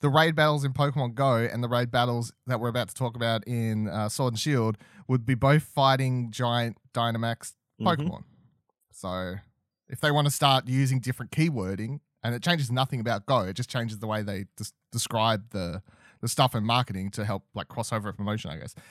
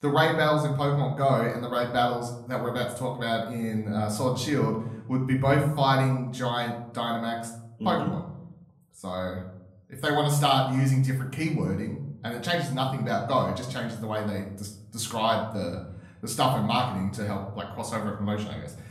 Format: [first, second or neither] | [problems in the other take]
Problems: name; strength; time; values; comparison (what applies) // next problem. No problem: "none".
first | room echo; slight; dies away in 0.6 s // off-mic speech; somewhat distant